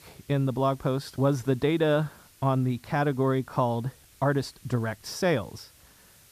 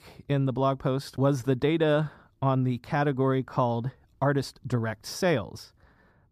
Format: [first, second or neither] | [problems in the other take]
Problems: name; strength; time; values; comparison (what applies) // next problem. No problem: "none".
second | hiss; faint; throughout; 25 dB below the speech